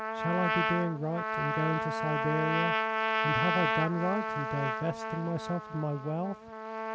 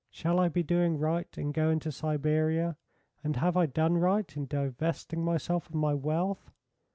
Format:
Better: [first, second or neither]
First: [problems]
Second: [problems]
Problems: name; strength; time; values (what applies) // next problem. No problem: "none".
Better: second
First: background sound (Trumpet); 1 dB above the speech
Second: none